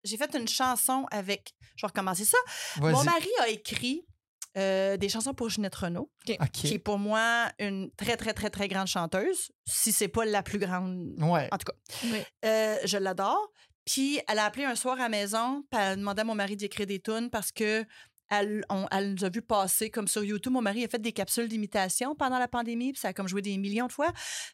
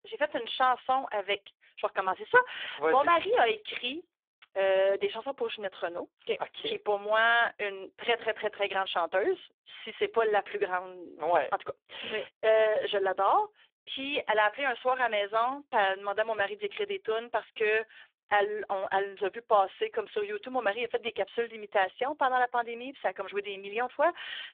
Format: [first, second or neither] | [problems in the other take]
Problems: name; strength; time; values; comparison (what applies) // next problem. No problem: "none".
first | phone-call audio; poor line